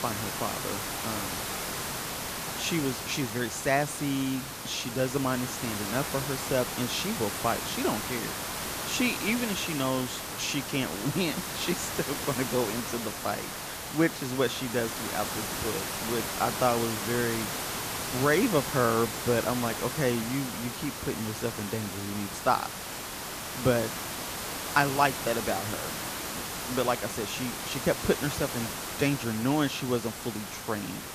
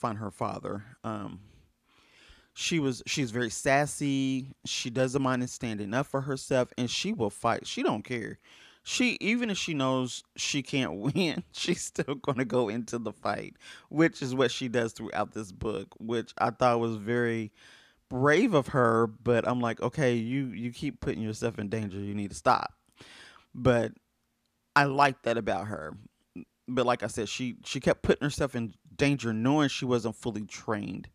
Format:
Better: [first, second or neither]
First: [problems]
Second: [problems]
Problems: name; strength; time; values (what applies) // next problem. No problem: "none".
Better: second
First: hiss; loud; throughout; 3 dB below the speech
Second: none